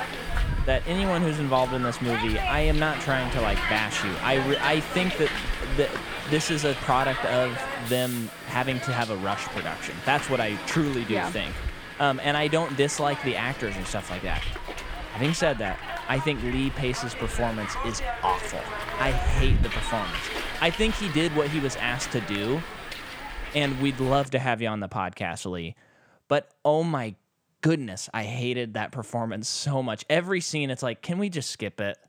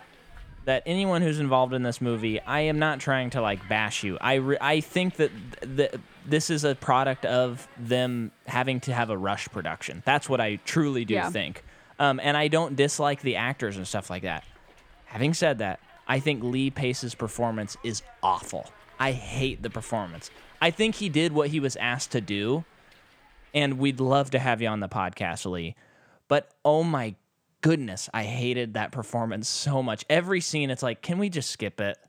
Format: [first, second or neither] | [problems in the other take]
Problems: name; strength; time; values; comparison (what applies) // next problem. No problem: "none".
second | hiss; loud; until 24 s; 5 dB below the speech; faint in the second